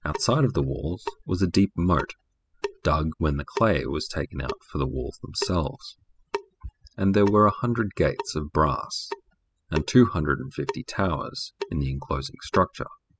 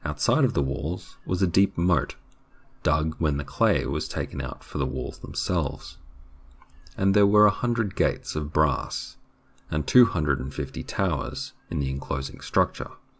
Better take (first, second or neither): second